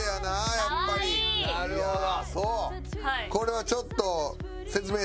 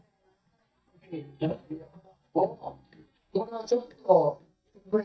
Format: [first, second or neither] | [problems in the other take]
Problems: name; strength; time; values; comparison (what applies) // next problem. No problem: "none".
first | noise reduction (neural mask model DeepFilterNet 3)